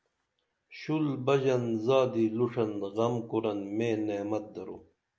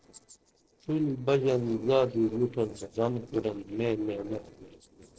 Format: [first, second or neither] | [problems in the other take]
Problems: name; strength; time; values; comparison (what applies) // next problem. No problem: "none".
first | noise reduction (neural separator model SepFormer DNS4)